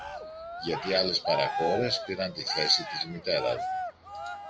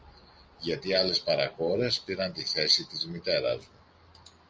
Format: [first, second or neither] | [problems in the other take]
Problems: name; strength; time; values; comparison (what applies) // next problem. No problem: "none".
second | background sound (Cheering); 5 dB below the speech